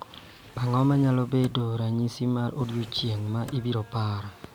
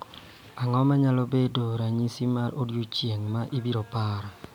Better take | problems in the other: second | background sound (Drawer open or close); 19 dB below the speech

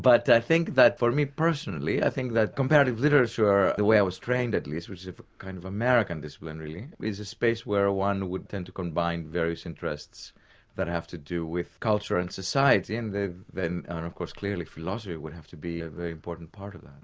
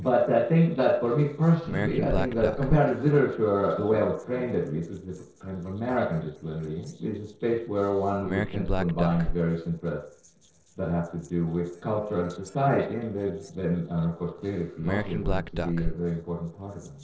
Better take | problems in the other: first | noise reduction (neural separator model SepFormer DNS4)

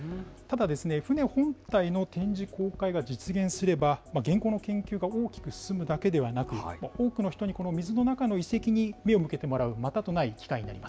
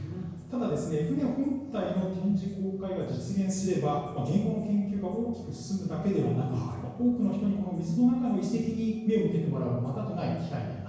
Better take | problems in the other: first | room echo; dies away in 1 s

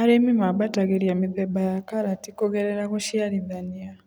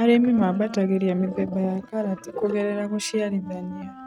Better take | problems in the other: first | noise reduction (neural mask model RNNoise)

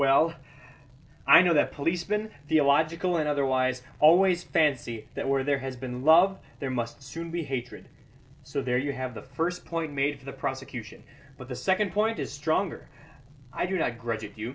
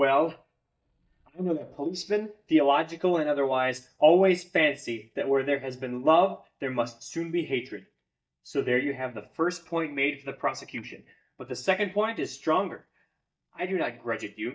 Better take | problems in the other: first | noise reduction (neural mask model DeepFilterNet 3)

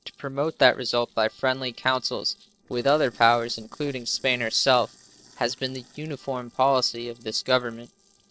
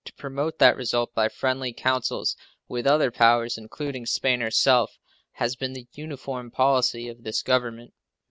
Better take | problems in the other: second | noise reduction (neural separator model SepFormer DNS4)

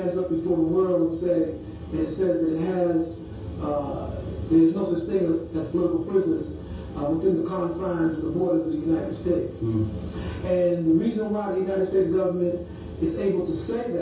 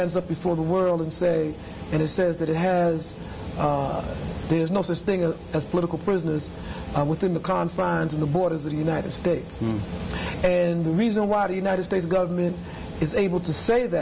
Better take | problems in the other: second | room echo; dies away in 0.6 s

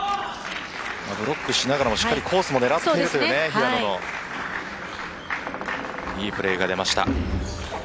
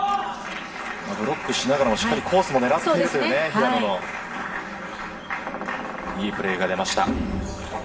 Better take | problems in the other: first | room echo; dies away in 1.5 s

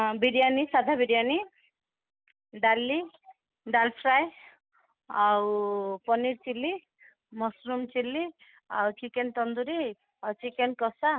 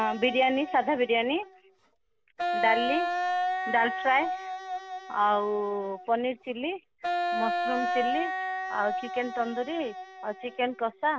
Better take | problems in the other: first | background sound (Wind instrument, woodwind instrument); 3 dB below the speech

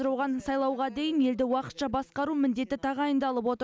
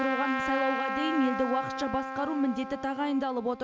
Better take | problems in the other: first | background sound (Trumpet); 4 dB below the speech

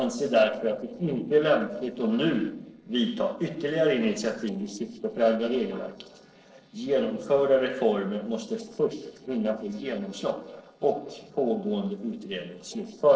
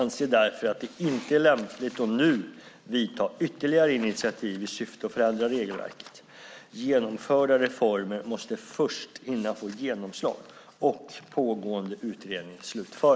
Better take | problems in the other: second | noise reduction (neural separator model SepFormer DNS4)

